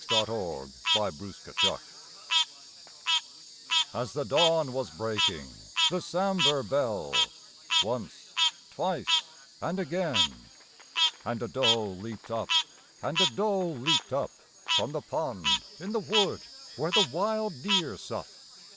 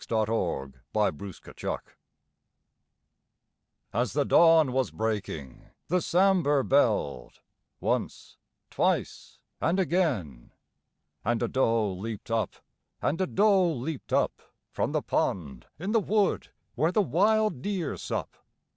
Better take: second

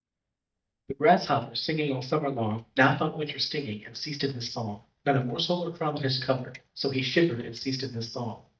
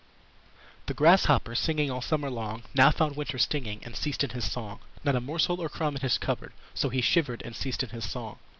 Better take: second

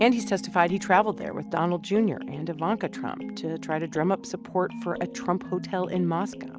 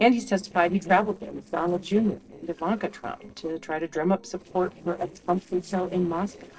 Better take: first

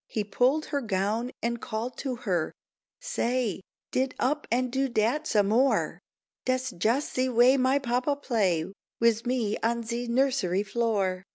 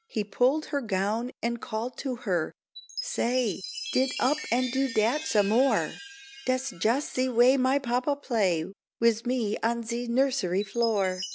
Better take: first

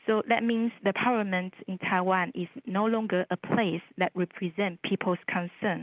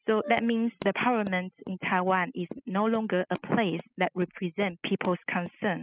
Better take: first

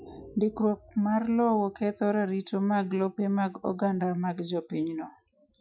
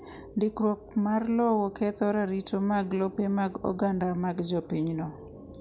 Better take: second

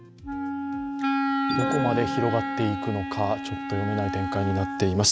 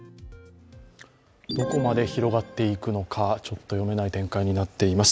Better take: second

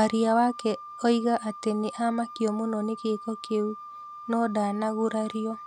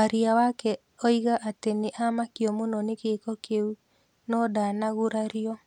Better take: second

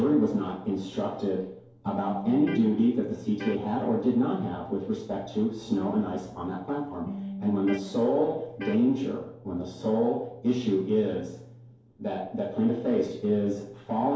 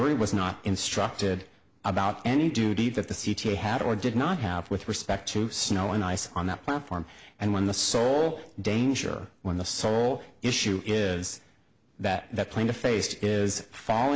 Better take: second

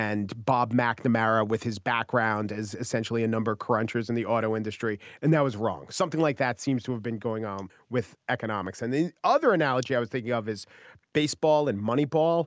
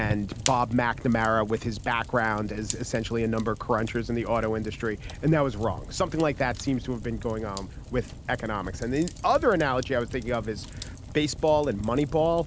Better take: first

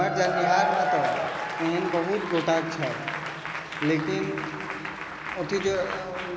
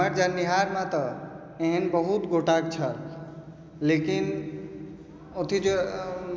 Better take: second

